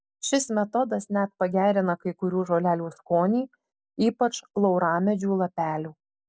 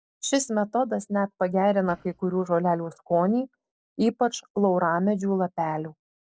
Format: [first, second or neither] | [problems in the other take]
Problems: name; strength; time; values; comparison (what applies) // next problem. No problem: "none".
first | noise reduction (neural separator model SepFormer DNS4)